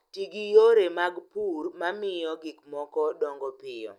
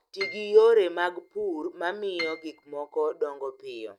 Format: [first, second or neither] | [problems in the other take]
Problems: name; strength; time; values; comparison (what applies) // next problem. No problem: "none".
first | noise reduction (neural mask model RNNoise)